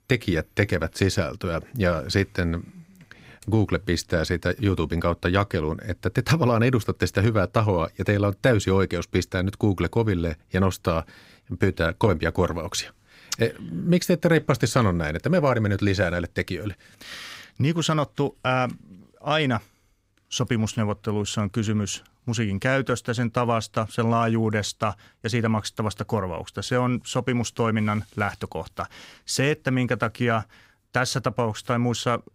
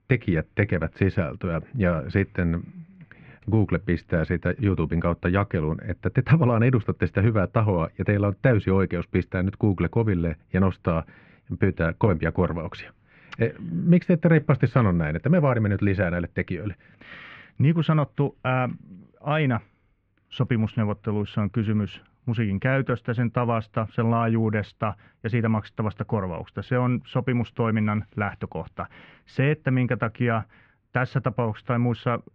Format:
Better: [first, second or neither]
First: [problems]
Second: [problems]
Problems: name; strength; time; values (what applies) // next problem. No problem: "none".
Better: first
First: none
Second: muffled; very; fading above 2.5 kHz